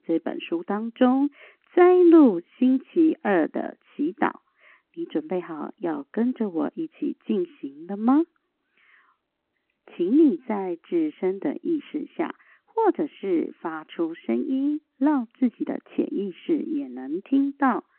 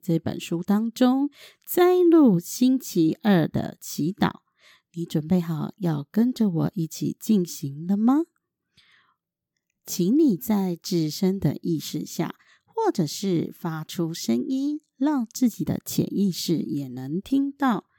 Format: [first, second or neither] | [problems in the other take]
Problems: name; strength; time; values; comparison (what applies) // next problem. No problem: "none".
second | phone-call audio